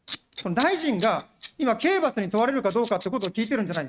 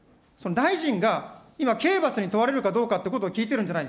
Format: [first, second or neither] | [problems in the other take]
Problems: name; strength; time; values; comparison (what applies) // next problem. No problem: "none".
second | noise reduction (neural mask model RNNoise)